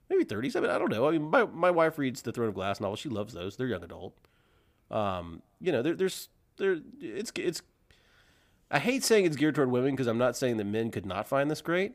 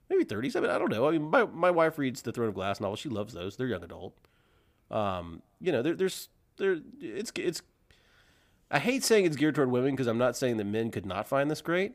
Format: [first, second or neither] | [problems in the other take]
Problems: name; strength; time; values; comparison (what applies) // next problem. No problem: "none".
neither | none